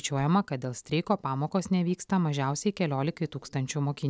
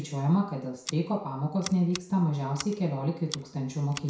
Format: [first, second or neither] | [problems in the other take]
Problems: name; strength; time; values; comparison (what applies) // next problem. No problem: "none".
first | background sound (Scissors); 16 dB below the speech // room echo; dies away in 0.6 s